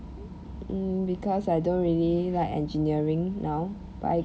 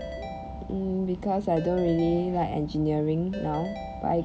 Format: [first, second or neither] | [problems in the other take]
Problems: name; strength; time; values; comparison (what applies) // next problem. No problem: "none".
first | background sound (Ringtone / Keyboard (musical)); 13 dB below the speech